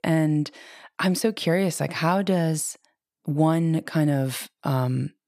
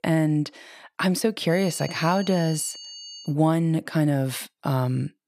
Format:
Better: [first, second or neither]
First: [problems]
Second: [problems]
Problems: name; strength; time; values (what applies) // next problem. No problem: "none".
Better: first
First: none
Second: high-pitched whine; noticeable; from 1.5 to 3.5 s; 4.5 kHz, 15 dB below the speech